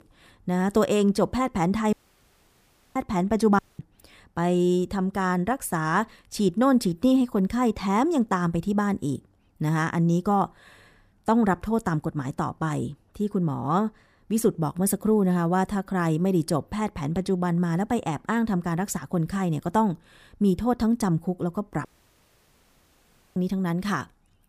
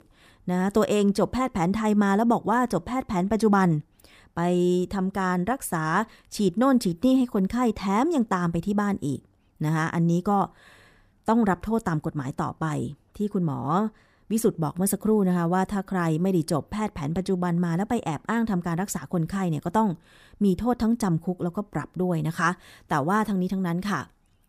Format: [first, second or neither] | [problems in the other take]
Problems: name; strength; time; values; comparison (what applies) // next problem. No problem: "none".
second | audio cutting out; at 2 s for 1 s, at 3.5 s and at 22 s for 1.5 s